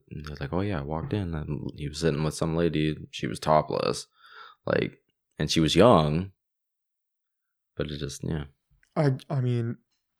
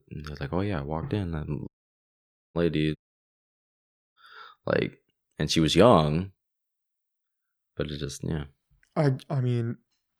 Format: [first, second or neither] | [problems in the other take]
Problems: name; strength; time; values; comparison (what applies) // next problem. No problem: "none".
first | audio cutting out; at 1.5 s for 1 s and at 3 s for 1 s